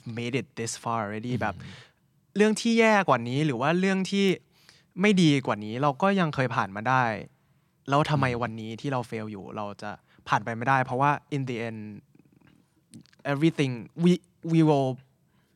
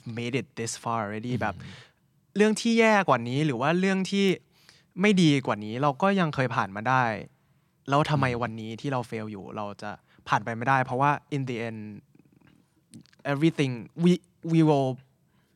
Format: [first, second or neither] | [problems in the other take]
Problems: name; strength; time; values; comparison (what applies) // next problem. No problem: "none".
neither | none